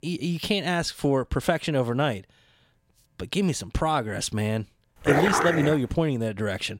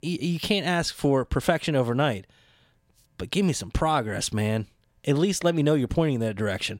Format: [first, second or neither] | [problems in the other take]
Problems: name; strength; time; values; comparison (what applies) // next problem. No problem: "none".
second | dog barking; loud; at 5 s; peak 3 dB above the speech